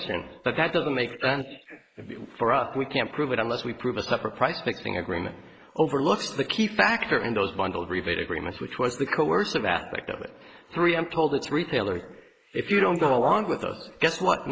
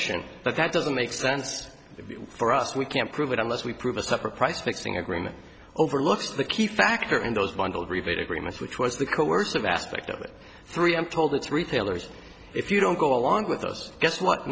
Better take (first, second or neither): second